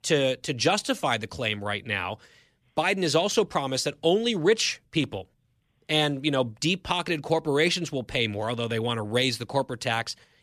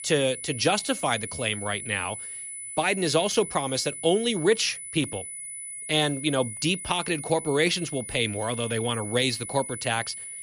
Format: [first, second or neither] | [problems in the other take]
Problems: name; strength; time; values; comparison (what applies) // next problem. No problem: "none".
first | high-pitched whine; loud; throughout; 10 kHz, 8 dB below the speech